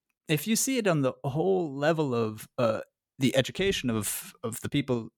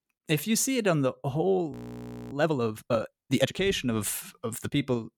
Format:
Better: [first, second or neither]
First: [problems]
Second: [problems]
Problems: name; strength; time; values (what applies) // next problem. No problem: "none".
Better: first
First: none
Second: audio freezing; at 1.5 s for 0.5 s